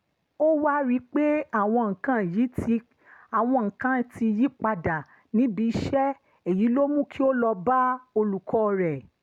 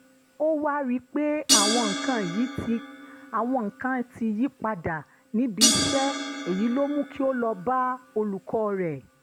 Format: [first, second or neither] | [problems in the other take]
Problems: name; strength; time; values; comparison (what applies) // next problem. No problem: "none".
first | background sound (Crash cymbal); 3 dB below the speech